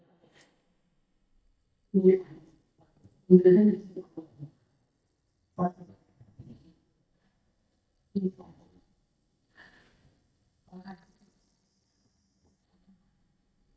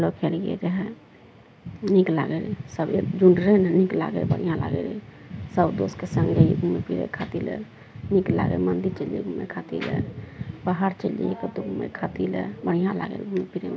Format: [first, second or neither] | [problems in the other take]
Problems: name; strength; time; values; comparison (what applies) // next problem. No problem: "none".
second | noise reduction (neural mask model DeepFilterNet 3)